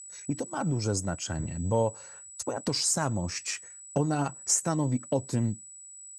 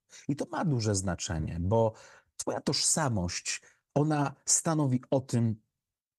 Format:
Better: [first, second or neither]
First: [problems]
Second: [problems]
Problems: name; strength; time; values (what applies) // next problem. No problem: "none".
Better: second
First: high-pitched whine; noticeable; throughout; 8 kHz, 15 dB below the speech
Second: none